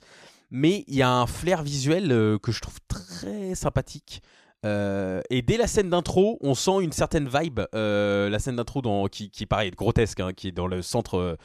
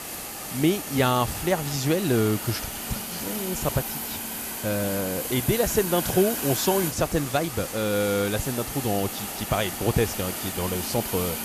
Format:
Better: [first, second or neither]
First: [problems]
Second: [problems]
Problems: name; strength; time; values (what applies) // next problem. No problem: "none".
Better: first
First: none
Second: hiss; loud; throughout; 4 dB below the speech